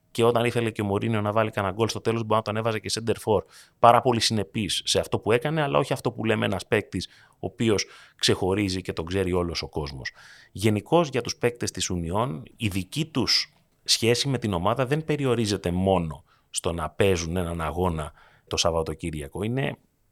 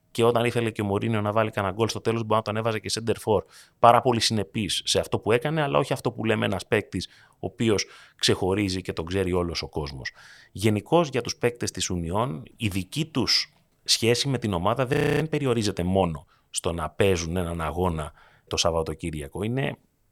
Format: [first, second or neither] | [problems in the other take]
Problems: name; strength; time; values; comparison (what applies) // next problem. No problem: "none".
first | audio freezing; at 15 s